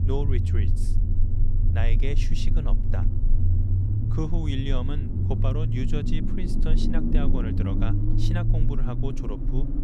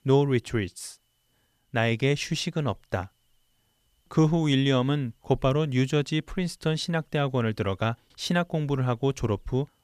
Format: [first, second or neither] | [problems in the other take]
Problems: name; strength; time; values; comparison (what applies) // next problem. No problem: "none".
second | low rumble; loud; throughout; 2 dB below the speech